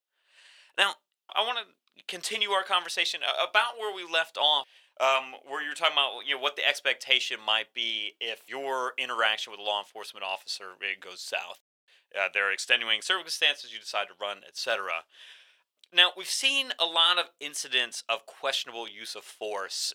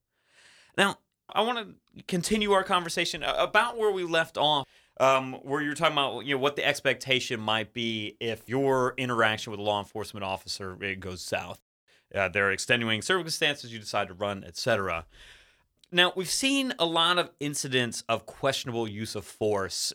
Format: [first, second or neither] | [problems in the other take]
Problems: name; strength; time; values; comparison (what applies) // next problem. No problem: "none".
second | thin; very; fading below 700 Hz